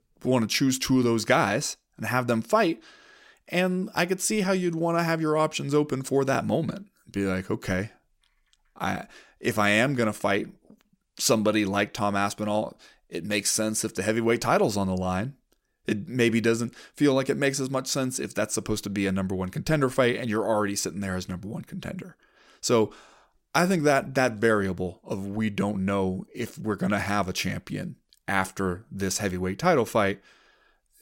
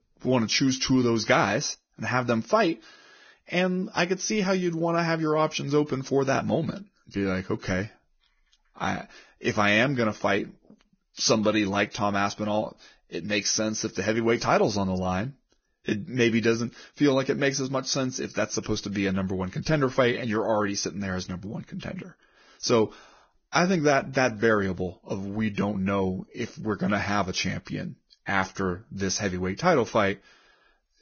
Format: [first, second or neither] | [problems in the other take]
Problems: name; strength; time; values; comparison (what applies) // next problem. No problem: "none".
first | garbled, watery; badly; nothing above 6.5 kHz